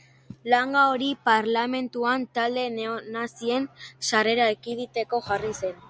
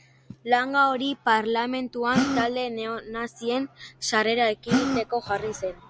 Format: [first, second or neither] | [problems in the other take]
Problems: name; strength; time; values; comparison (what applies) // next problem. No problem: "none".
first | background sound (Gasp); 4 dB below the speech